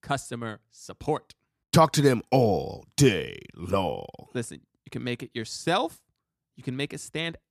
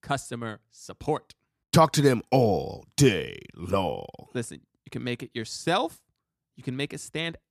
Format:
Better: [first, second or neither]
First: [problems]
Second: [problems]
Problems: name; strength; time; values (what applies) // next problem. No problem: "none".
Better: neither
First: none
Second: none